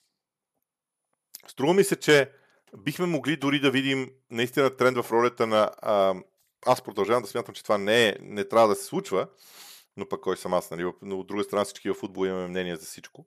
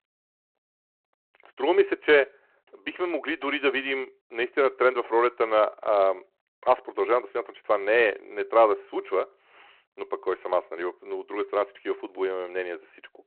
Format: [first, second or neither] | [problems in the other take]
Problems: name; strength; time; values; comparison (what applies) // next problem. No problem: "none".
first | phone-call audio